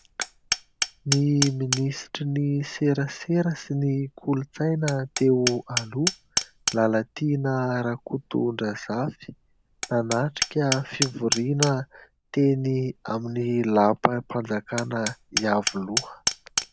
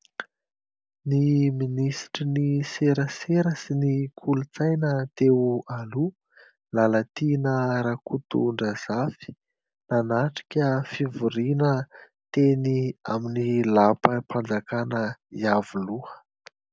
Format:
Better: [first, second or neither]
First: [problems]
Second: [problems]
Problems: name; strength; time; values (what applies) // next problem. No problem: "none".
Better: second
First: background sound (Hammer); 8 dB below the speech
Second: none